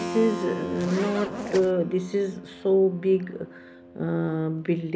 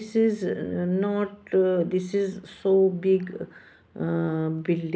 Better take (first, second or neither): second